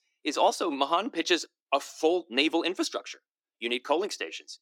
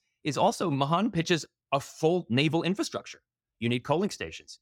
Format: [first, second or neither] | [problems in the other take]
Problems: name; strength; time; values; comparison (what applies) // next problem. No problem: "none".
second | thin; somewhat; fading below 300 Hz